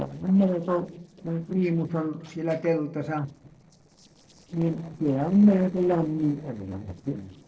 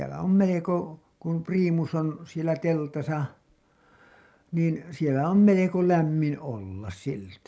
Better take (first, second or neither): second